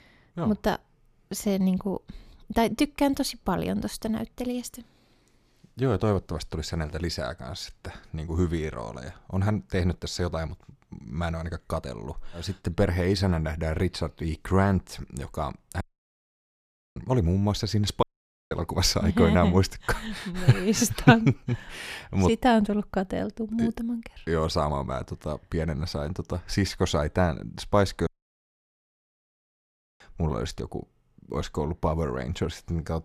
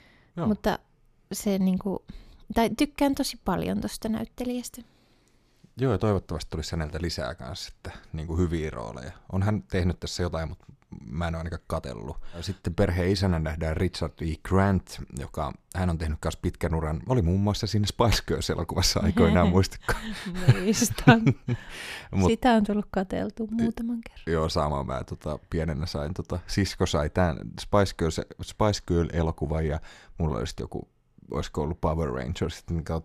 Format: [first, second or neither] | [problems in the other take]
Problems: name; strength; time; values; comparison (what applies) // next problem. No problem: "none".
second | audio cutting out; at 16 s for 1 s, at 18 s and at 28 s for 2 s